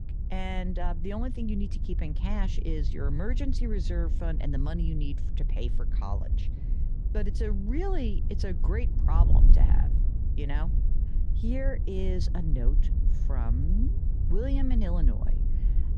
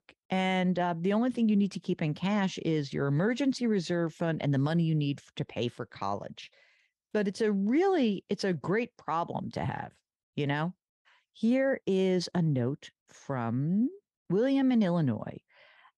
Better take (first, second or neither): second